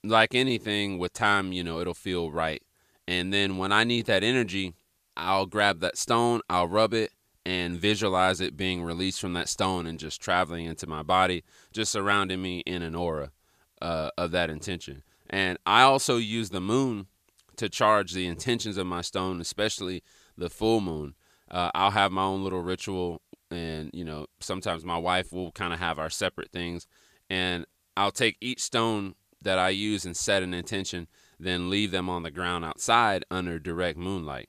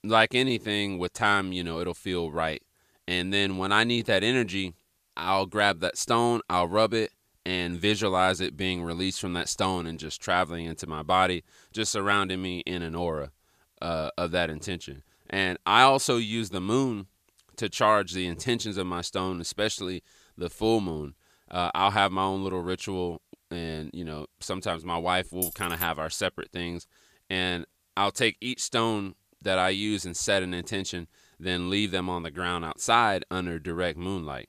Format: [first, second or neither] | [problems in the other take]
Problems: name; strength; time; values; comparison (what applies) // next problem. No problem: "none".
first | jangling keys; noticeable; at 25 s; peak 4 dB below the speech